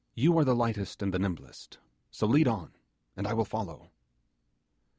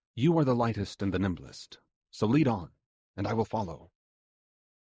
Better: first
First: none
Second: noise reduction (neural mask model Resemble Enhance denoiser)

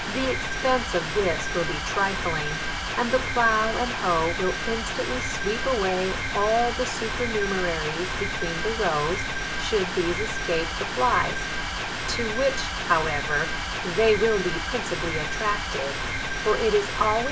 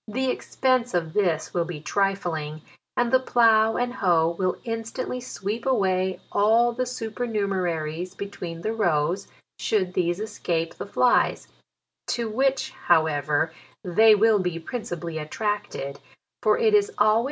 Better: second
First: background sound (Mechanisms); 2 dB below the speech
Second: none

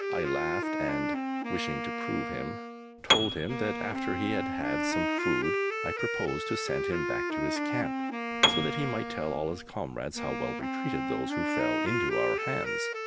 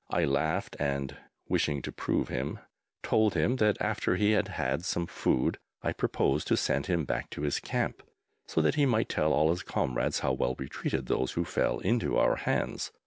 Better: second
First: background sound (Wind instrument, woodwind instrument + Piano); 4 dB above the speech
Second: none

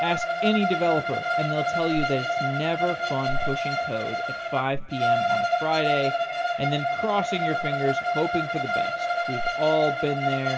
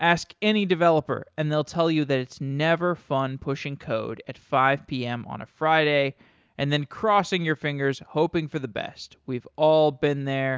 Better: second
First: background sound (Bowed string instrument); 1 dB above the speech // room echo; dies away in 1.3 s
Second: none

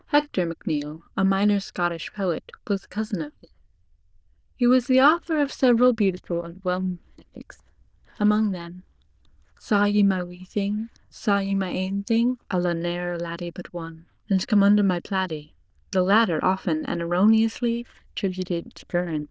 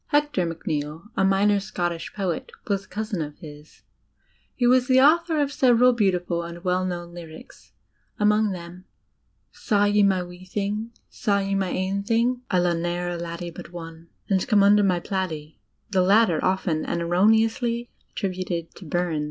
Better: second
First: noise reduction (neural diffusion model UNIVERSE++)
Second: none

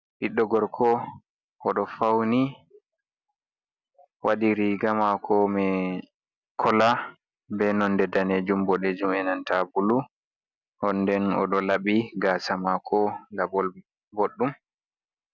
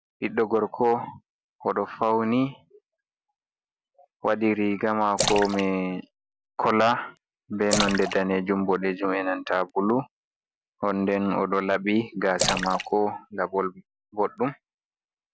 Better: first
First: none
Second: background sound (Splash, splatter); 7 dB below the speech

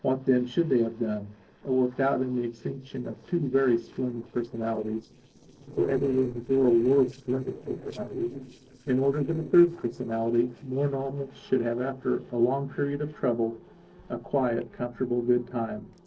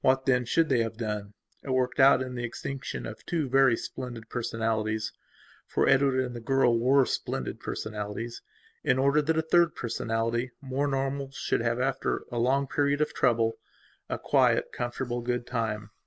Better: second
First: noise reduction (neural separator model SepFormer DNS4)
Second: none

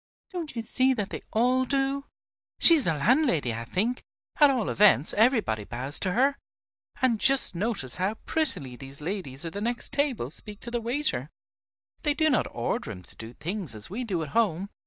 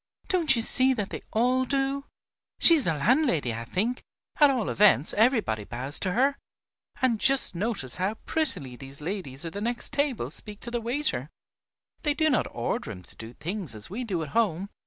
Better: second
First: noise reduction (neural mask model DeepFilterNet 3)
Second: none

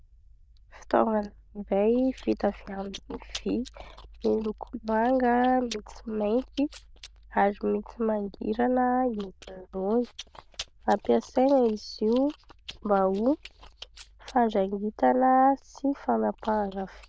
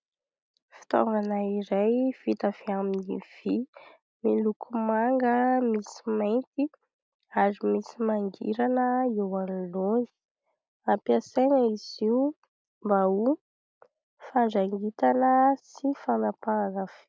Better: second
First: noise reduction (neural diffusion model UNIVERSE++)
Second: none

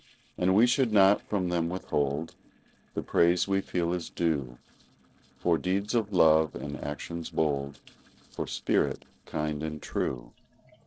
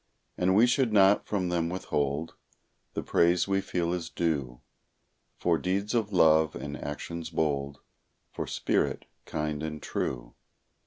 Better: second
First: noise reduction (neural separator model SepFormer DNS4)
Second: none

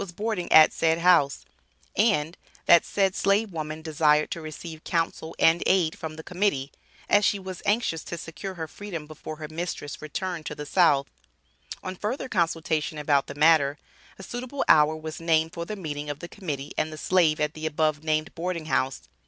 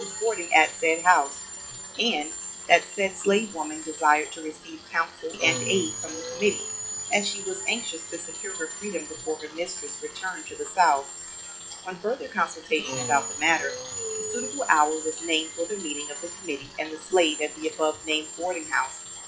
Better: first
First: none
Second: noise reduction (classical method WPE with log-MMSE)

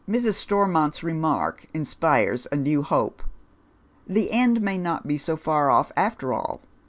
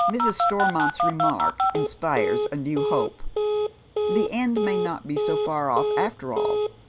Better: first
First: none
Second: background sound (Telephone); 3 dB above the speech

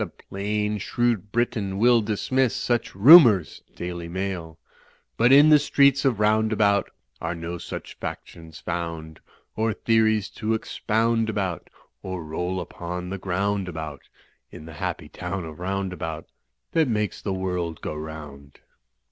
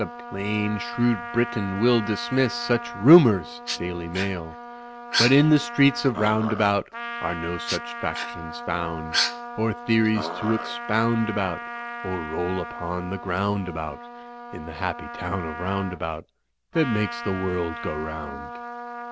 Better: first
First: none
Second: background sound (Dog + Trumpet); 9 dB below the speech

